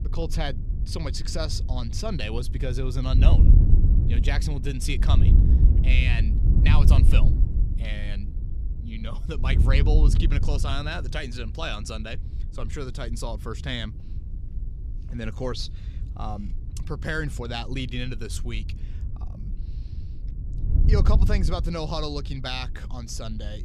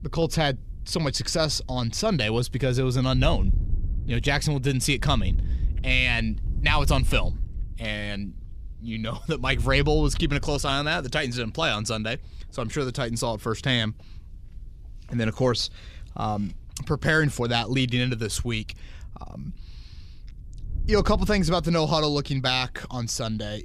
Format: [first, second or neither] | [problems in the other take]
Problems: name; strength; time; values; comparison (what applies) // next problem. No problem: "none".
second | wind noise on the microphone; heavy; 7 dB below the speech; occasional gusts in the second